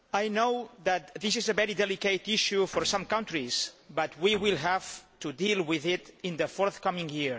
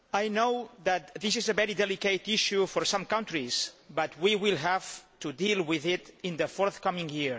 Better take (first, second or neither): second